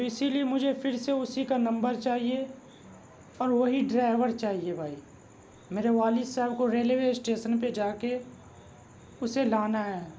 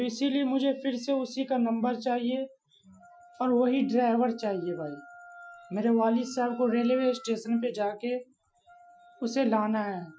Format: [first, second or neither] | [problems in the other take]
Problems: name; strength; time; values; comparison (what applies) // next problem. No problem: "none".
first | noise reduction (classical method Wiener filter)